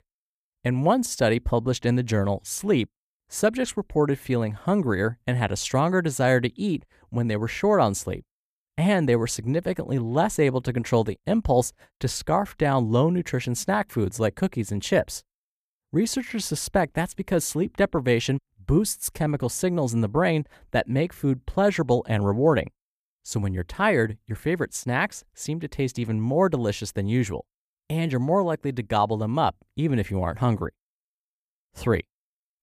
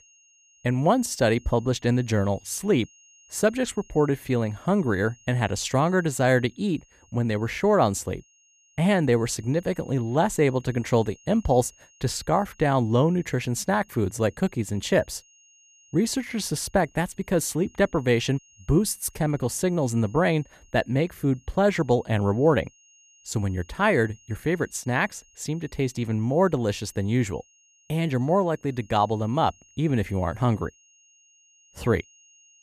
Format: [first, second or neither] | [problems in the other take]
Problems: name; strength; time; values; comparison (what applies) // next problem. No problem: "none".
first | high-pitched whine; faint; throughout; 6.5 kHz, 30 dB below the speech